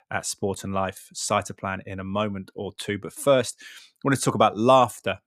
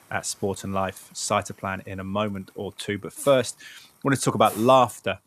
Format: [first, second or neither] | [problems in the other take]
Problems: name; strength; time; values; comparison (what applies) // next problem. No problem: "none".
first | hiss; faint; throughout; 20 dB below the speech